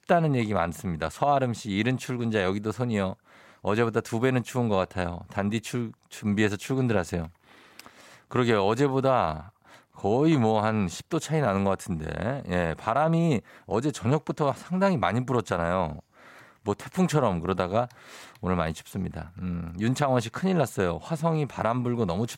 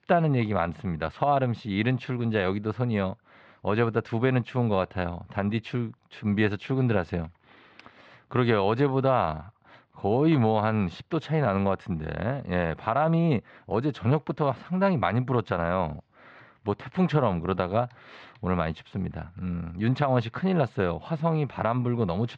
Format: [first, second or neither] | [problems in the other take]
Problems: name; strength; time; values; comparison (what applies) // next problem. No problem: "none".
first | muffled; slightly; fading above 4 kHz